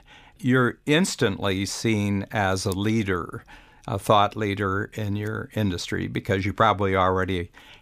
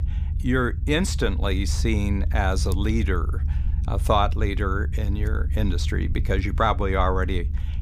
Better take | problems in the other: first | low rumble; noticeable; throughout; 20 dB below the speech

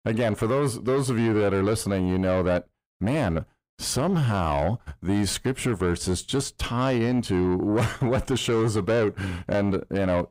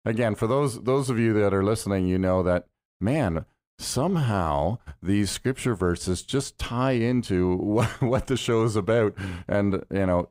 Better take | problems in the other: second | distortion; slight; 10 dB below the speech

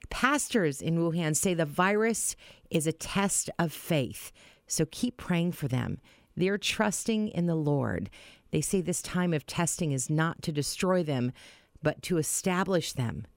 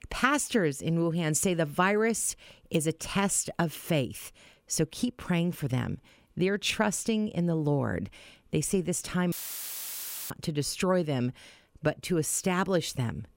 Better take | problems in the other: first | audio cutting out; filled with static; at 9.5 s for 1 s

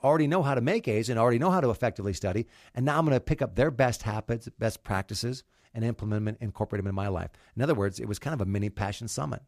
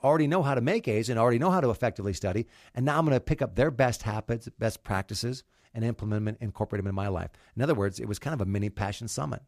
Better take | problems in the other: neither | none

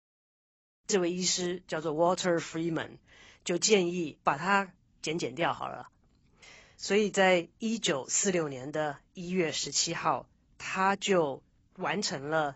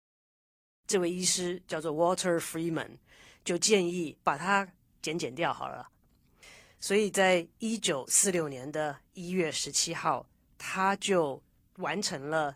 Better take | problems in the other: second | garbled, watery; badly; nothing above 7.5 kHz; slightly in the second

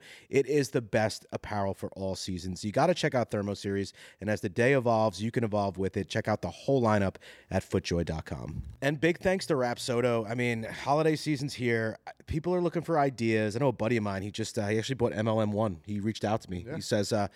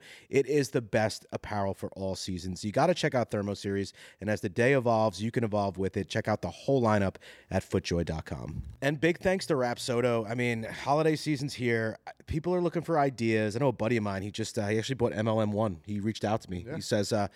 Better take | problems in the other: neither | none

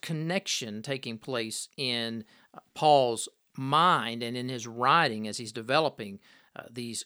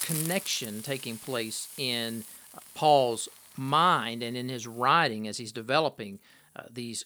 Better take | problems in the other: first | hiss; noticeable; throughout; 15 dB below the speech

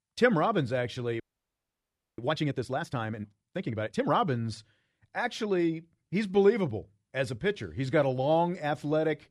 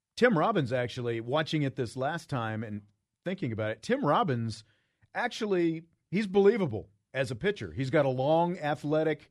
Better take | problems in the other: second | audio freezing; at 1 s for 1 s

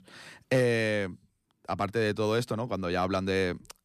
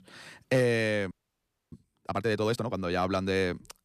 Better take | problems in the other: first | audio freezing; at 1 s for 0.5 s

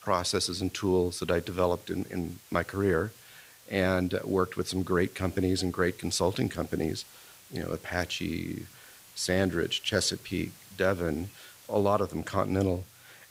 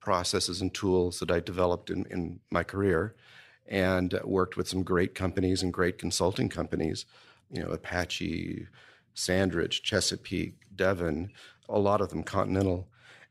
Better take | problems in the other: second | hiss; faint; throughout; 20 dB below the speech

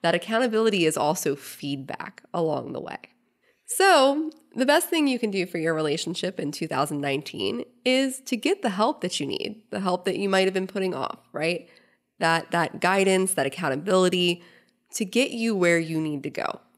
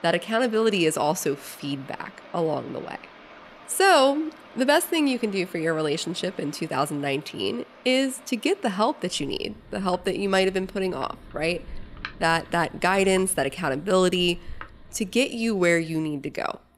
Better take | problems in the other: first | rain or running water; faint; throughout; 20 dB below the speech

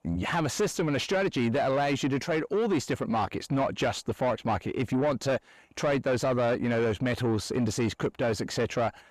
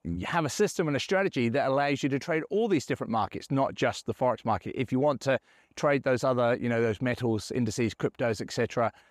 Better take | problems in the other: second | distortion; slight; 10 dB below the speech

